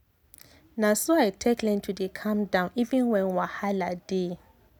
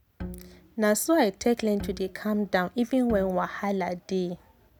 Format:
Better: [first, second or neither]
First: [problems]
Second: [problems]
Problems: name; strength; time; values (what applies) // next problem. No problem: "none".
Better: first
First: none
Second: background sound (Bowed string instrument); 15 dB below the speech